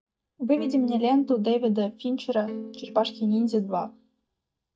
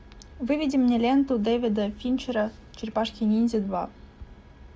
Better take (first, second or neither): second